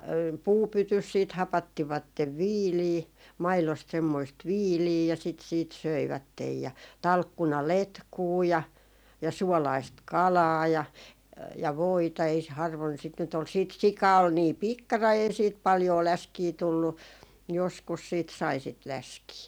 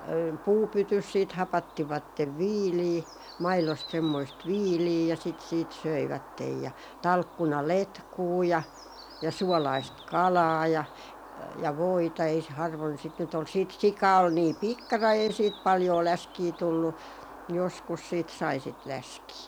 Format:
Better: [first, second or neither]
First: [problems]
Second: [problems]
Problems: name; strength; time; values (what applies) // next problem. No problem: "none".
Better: first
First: none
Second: background sound (Bird); 18 dB below the speech